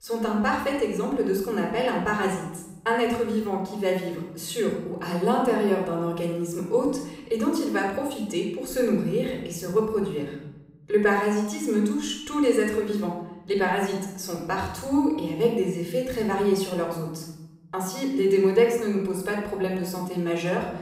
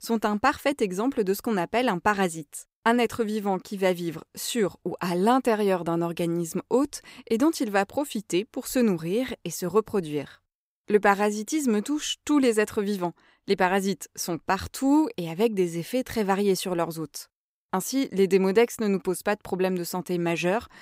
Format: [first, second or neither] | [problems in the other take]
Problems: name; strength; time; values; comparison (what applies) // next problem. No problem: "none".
second | off-mic speech; somewhat distant // room echo; noticeable; dies away in 1 s